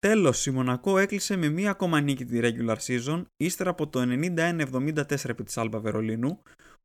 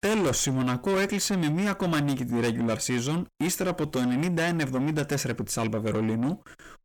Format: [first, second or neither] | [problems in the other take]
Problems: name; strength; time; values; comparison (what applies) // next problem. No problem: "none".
first | distortion; heavy; 7 dB below the speech